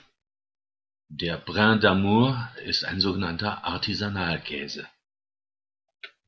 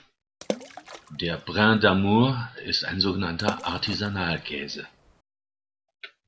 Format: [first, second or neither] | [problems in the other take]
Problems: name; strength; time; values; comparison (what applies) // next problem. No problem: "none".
first | background sound (Water / Splash, splatter); 12 dB below the speech